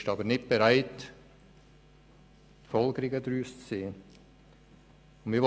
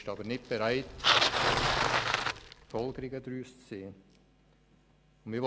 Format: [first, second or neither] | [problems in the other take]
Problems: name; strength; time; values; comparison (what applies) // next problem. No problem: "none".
first | background sound (Bicycle); 5 dB above the speech